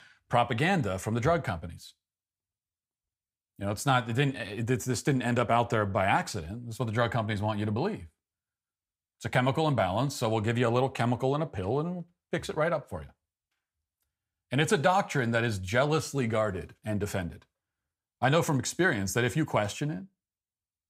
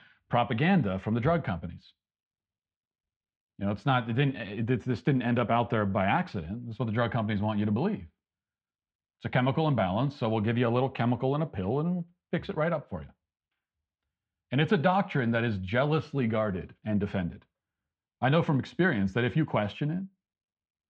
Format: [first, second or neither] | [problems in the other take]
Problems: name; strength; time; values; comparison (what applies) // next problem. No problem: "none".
first | muffled; very; fading above 3.5 kHz